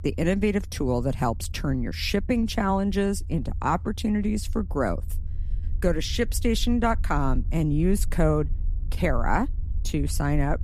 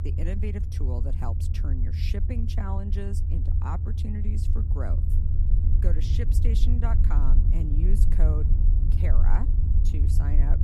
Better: first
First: low rumble; faint; throughout; 25 dB below the speech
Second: low rumble; loud; throughout; 2 dB below the speech

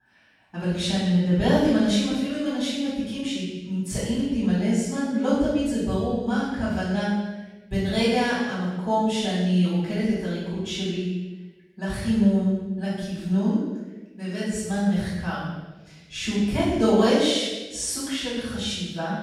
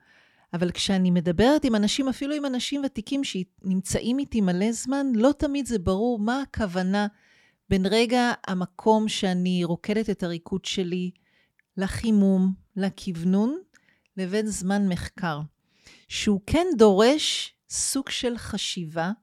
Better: second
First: off-mic speech; far // room echo; strong; dies away in 1 s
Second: none

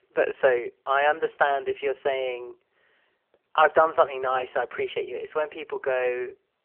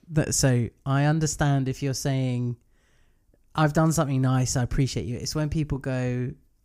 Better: second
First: phone-call audio; poor line; nothing above 3 kHz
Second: none

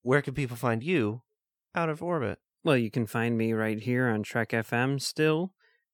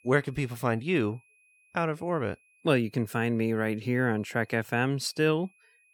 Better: first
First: none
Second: high-pitched whine; faint; throughout; 2.5 kHz, 35 dB below the speech

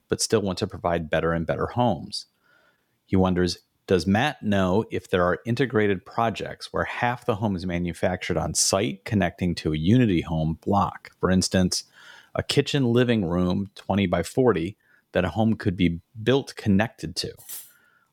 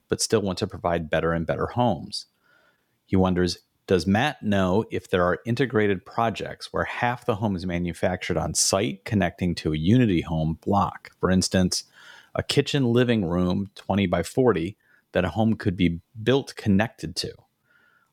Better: second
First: clattering dishes; faint; at 17 s; peak 15 dB below the speech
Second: none

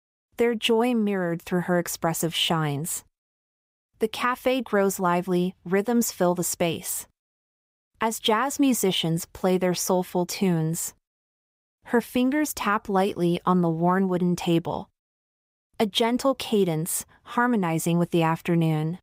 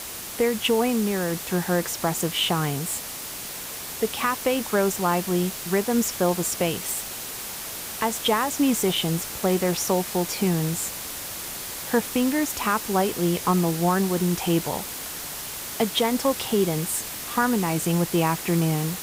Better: first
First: none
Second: hiss; loud; throughout; 7 dB below the speech

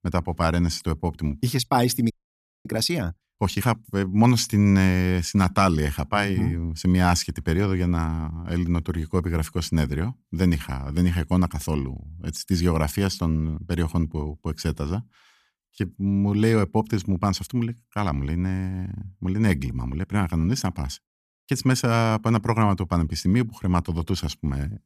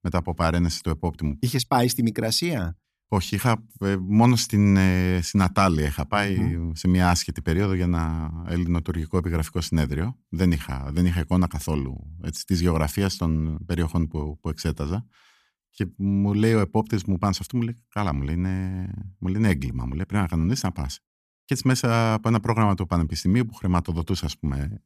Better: second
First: audio freezing; at 2 s for 0.5 s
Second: none

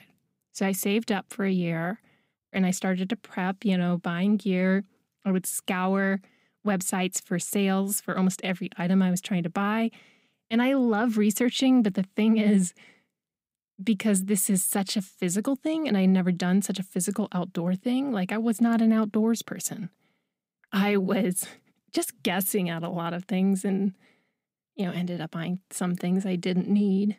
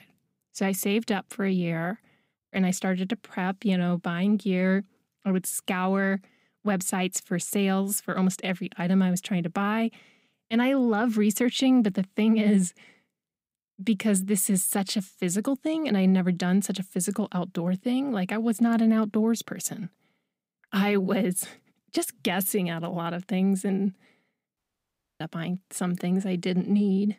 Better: first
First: none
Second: audio cutting out; at 25 s for 0.5 s

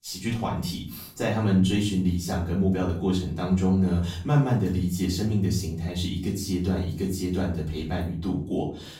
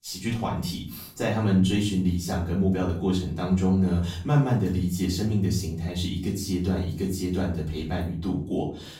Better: neither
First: off-mic speech; far // room echo; slight; dies away in 0.5 s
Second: off-mic speech; far // room echo; slight; dies away in 0.5 s

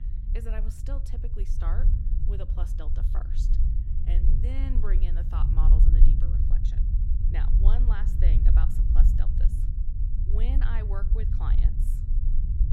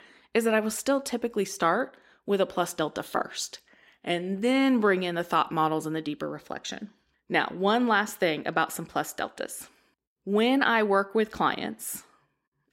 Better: second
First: low rumble; loud; throughout; 2 dB below the speech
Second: none

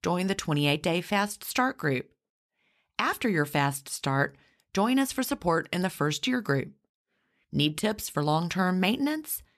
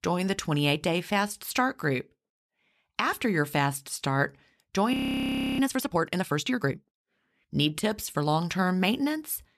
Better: first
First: none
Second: audio freezing; at 5 s for 0.5 s

